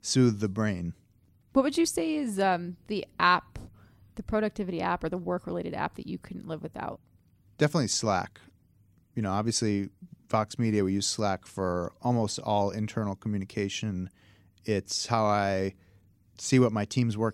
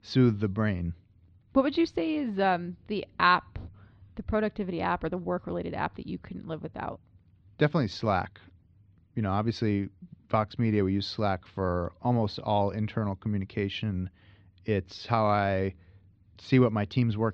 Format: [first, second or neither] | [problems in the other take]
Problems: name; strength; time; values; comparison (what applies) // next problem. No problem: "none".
first | muffled; slightly; fading above 4 kHz